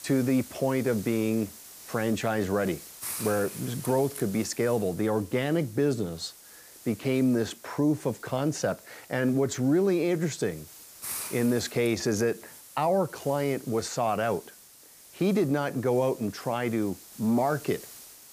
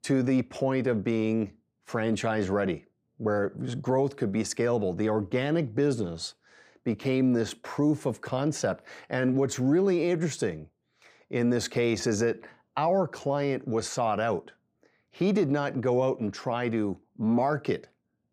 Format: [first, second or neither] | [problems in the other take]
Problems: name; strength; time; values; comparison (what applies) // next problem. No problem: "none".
second | hiss; noticeable; throughout; 15 dB below the speech